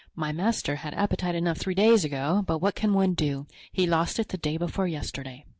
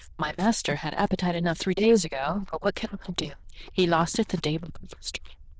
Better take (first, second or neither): first